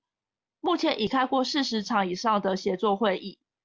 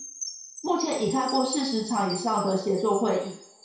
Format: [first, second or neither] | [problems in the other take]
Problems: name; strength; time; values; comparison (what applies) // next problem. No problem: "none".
first | background sound (Chime); 12 dB below the speech // room echo; dies away in 0.6 s